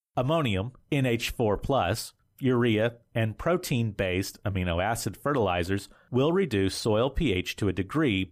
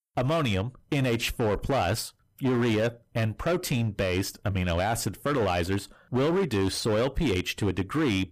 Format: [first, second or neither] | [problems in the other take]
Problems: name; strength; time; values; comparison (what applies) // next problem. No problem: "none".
first | distortion; slight; 14% of the sound clipped